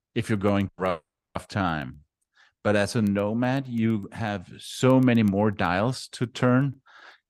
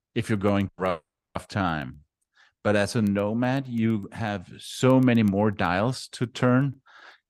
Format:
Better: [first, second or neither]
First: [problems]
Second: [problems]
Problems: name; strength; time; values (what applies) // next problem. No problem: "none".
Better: neither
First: none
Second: none